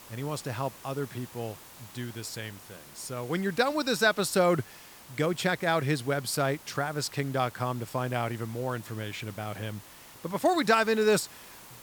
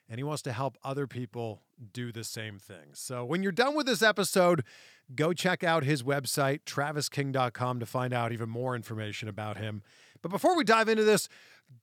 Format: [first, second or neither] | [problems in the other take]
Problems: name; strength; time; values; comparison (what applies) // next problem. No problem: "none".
second | hiss; noticeable; throughout; 20 dB below the speech